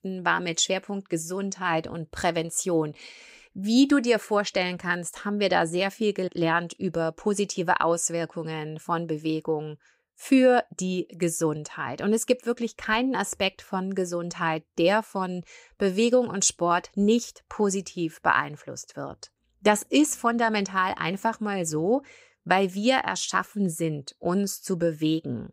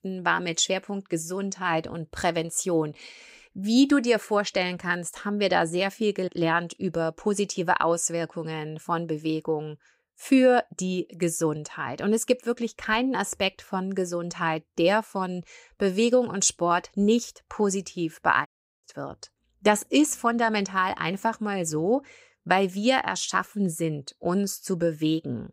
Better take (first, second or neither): first